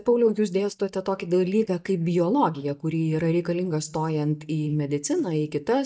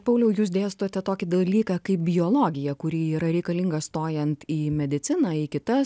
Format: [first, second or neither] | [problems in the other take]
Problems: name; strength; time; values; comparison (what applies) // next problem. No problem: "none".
second | noise reduction (neural mask model DeepFilterNet 3)